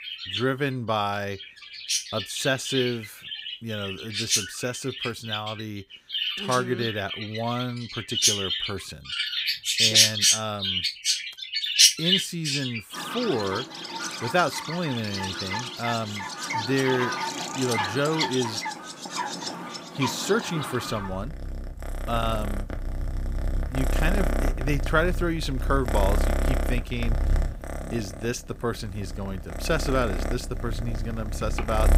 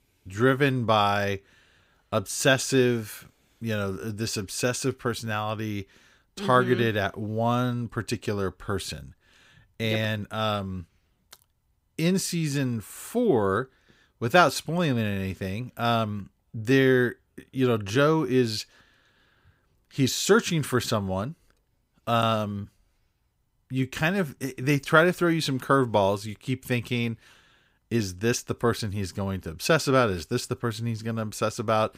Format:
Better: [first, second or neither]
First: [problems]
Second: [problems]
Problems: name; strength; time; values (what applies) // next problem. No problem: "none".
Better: second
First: animal sounds; very loud; throughout; 3 dB above the speech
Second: none